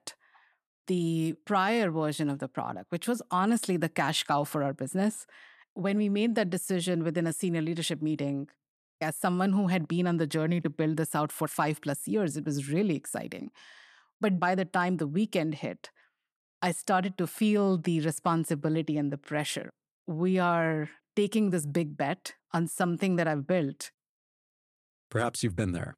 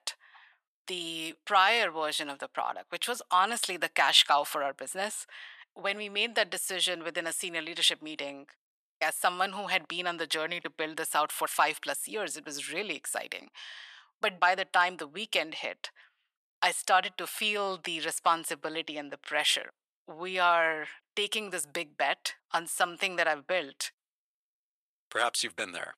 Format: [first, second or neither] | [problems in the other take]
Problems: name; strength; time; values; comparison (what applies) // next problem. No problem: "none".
first | thin; very; fading below 800 Hz